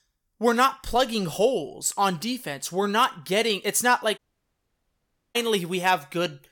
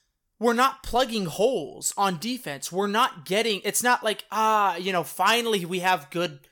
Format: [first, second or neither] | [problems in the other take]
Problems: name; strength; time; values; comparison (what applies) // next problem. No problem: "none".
second | audio cutting out; at 4 s for 1 s